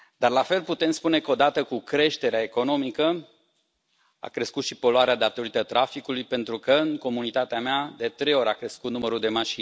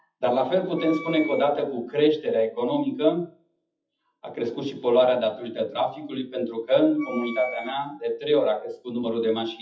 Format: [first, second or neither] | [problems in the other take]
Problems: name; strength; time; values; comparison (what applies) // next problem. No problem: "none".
first | noise reduction (classical method WPE with log-MMSE)